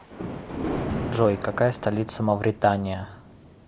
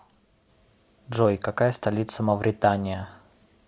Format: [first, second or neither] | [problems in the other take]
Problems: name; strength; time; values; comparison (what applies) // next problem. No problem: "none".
second | background sound (Thunder); 8 dB below the speech